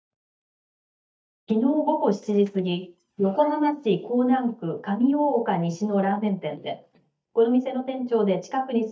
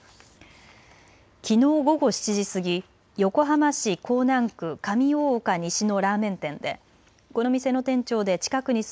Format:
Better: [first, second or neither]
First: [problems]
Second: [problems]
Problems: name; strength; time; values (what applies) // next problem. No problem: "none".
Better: second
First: noise reduction (neural mask model DeepFilterNet 3)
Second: none